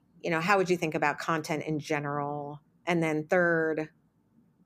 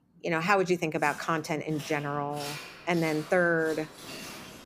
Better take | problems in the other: first | footsteps; noticeable; from 1 s on; peak 9 dB below the speech

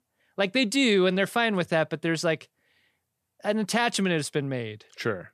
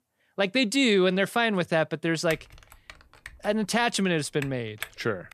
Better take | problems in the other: first | keyboard typing; faint; from 2.5 s on; peak 15 dB below the speech

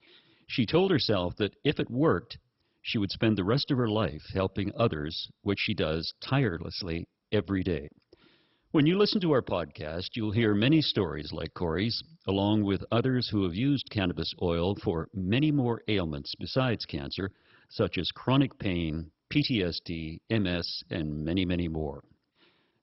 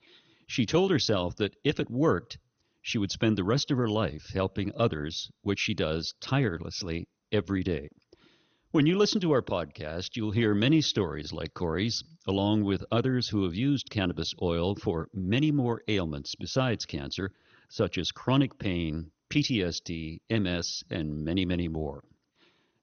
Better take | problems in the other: second | garbled, watery; badly; nothing above 5.5 kHz; slightly in the second

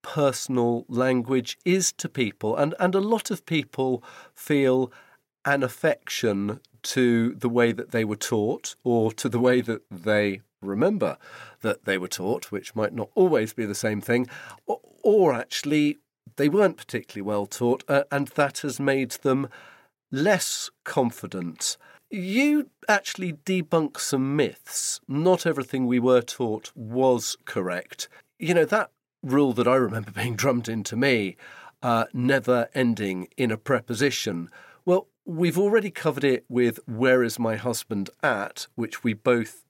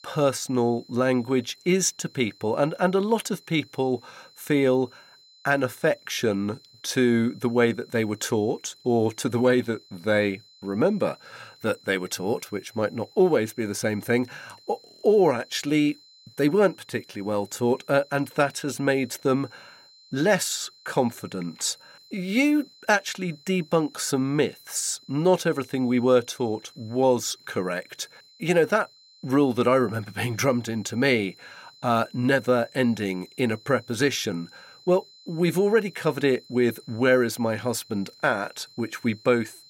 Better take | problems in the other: first | high-pitched whine; faint; throughout; 4 kHz, 25 dB below the speech

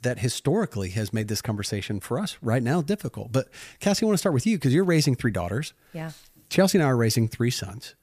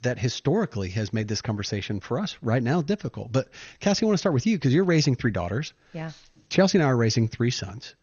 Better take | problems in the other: first | garbled, watery; slightly; nothing above 6.5 kHz

